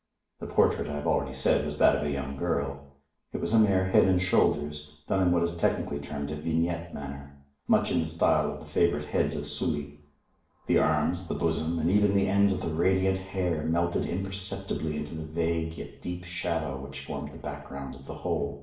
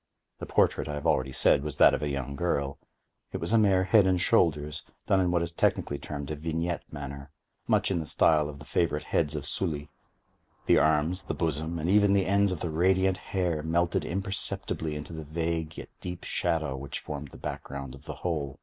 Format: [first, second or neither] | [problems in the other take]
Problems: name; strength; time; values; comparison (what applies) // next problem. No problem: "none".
second | room echo; dies away in 0.6 s